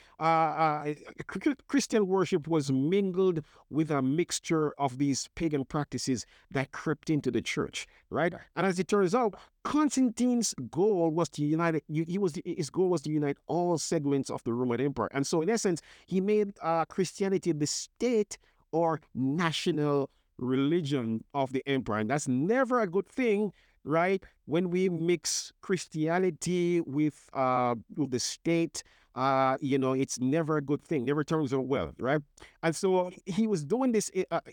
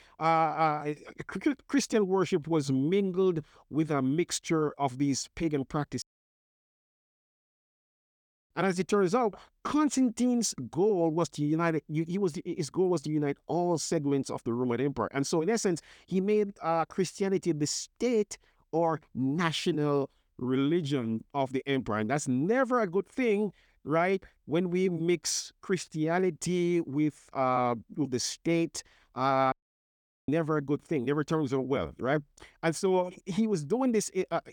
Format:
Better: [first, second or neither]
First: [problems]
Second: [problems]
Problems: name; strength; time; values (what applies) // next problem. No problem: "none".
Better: first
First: none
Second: audio cutting out; at 6 s for 2.5 s and at 30 s for 1 s